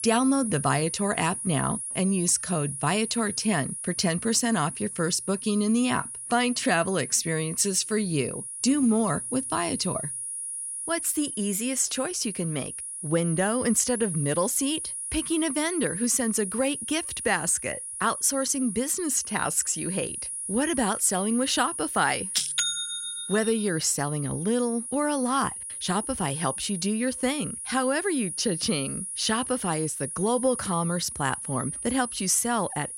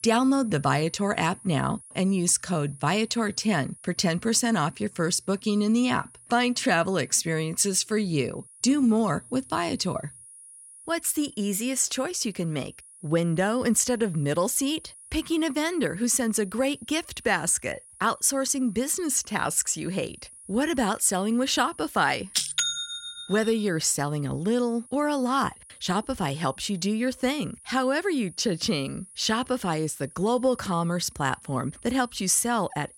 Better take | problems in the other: second | high-pitched whine; loud; throughout; 10.5 kHz, 6 dB below the speech; faint in the second

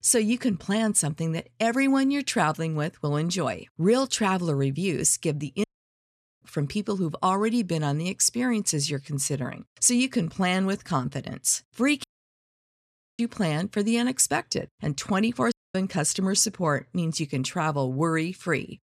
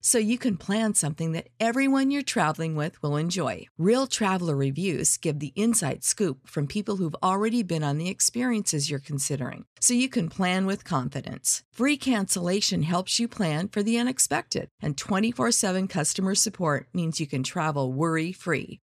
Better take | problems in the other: second | audio cutting out; at 5.5 s for 1 s, at 12 s for 1 s and at 16 s

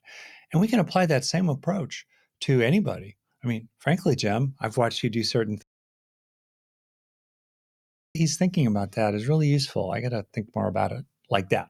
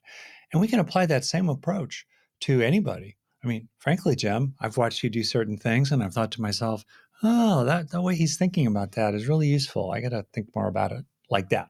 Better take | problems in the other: second | audio cutting out; at 5.5 s for 2.5 s

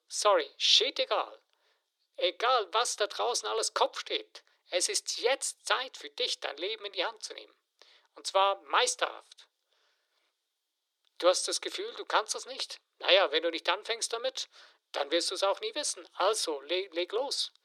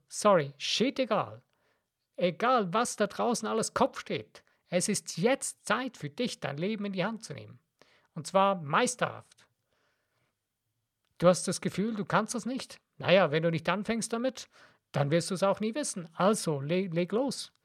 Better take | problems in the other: second | thin; very; fading below 300 Hz

